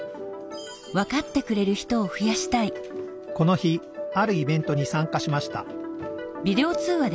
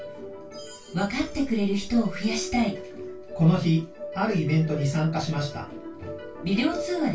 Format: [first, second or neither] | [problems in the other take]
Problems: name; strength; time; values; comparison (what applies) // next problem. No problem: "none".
first | room echo; dies away in 0.2 s